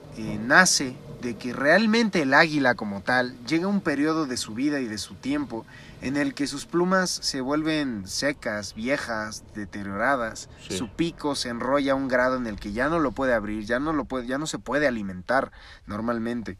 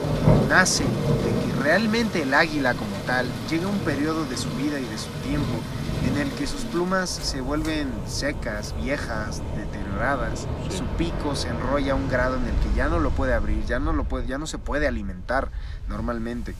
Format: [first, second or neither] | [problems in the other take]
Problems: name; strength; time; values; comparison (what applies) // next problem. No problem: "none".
first | rain or running water; loud; throughout; 3 dB below the speech; faint in the first